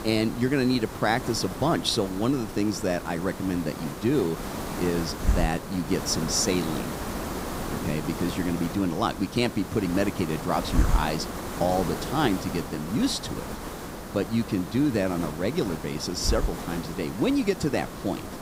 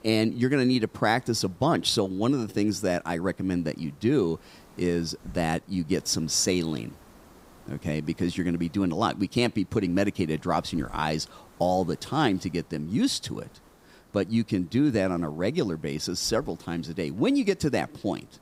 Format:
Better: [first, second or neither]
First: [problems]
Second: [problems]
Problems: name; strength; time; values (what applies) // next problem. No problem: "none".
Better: second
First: hiss; loud; throughout; 7 dB below the speech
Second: hiss; faint; throughout; 25 dB below the speech